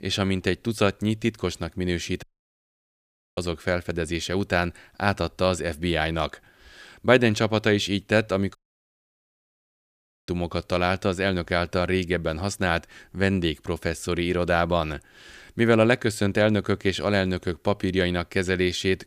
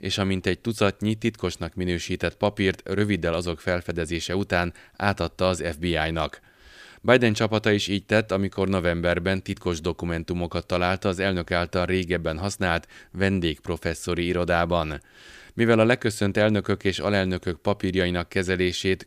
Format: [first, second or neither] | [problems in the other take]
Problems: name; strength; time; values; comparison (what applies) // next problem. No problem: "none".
second | audio cutting out; at 2 s for 1 s and at 8.5 s for 1.5 s